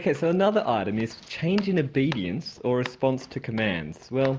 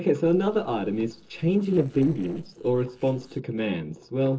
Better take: first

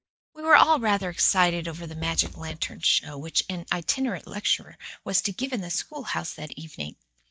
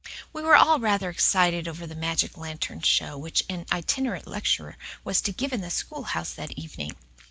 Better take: second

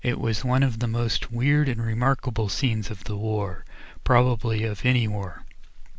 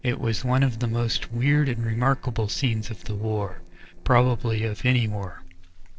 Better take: first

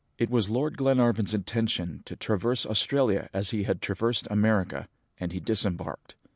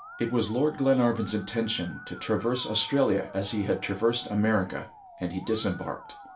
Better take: first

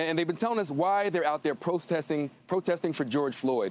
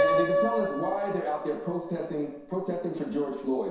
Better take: first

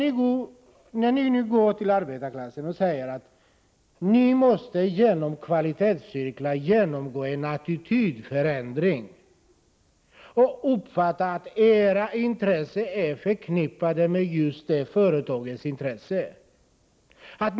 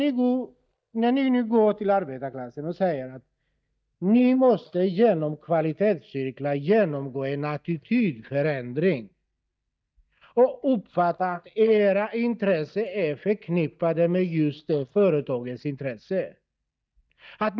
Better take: first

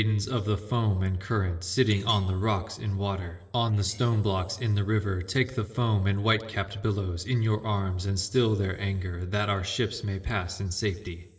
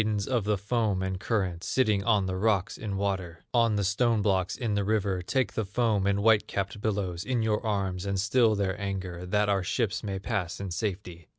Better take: second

